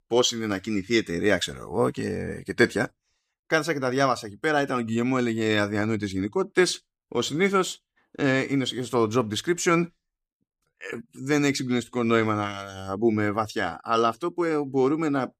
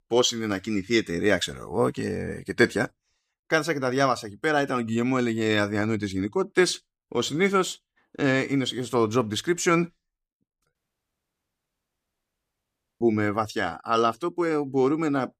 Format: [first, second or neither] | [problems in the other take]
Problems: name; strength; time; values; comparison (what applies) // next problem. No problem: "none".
first | audio cutting out; at 11 s for 2.5 s